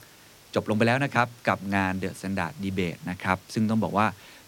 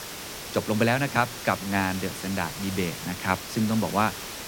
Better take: first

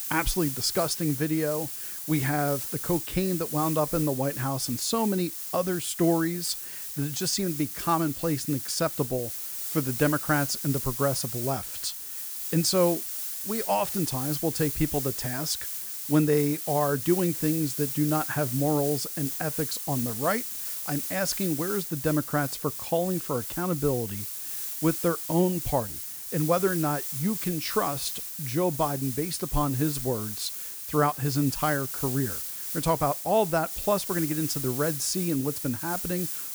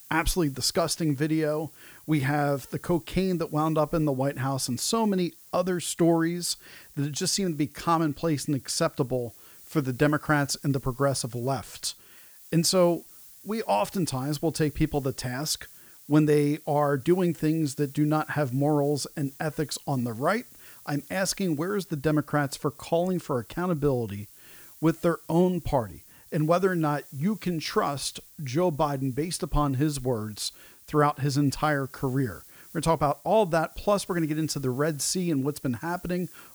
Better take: second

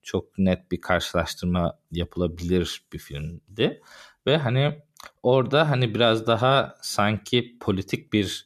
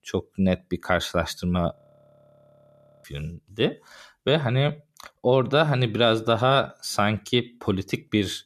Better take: first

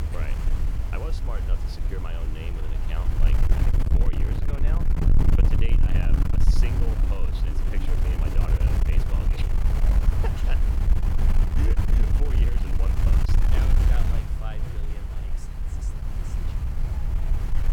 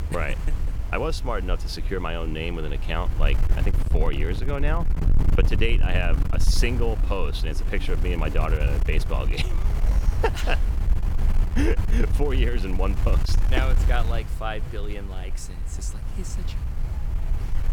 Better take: second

